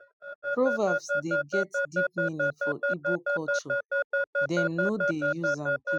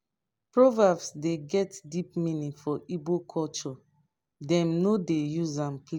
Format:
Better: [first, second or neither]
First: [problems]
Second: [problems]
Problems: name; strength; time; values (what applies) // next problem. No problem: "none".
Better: second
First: noise reduction (classical method Wiener filter)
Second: none